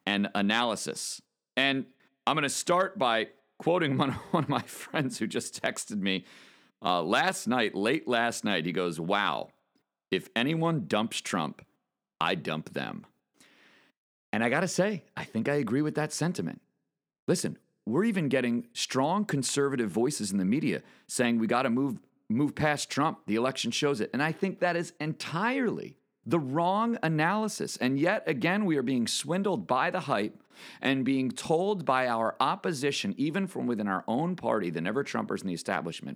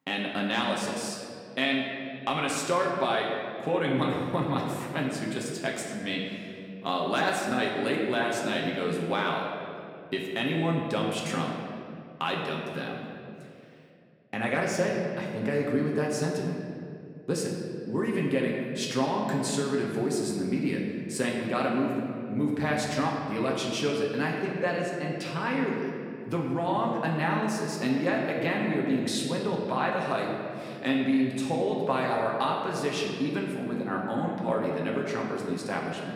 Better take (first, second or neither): first